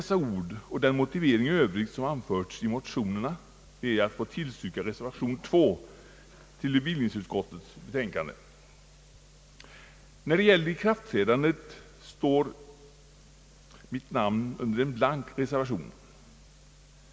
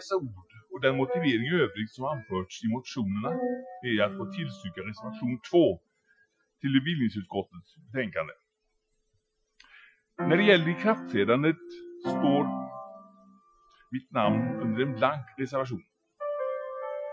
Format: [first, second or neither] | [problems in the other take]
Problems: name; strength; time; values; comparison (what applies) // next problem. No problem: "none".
first | noise reduction (classical method Wiener filter)